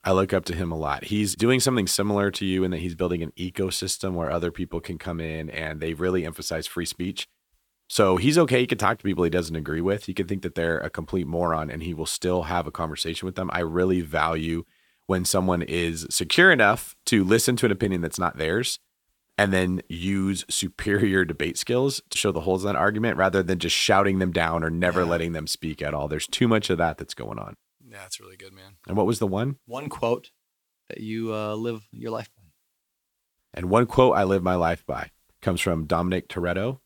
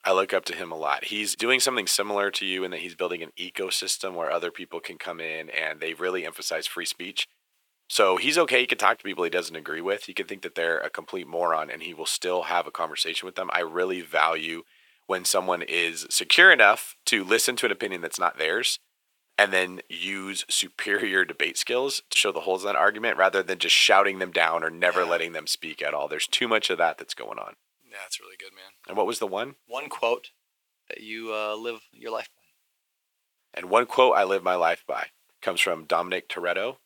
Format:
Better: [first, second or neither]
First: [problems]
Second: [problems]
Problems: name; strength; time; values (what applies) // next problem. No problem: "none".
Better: first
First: none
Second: thin; very; fading below 550 Hz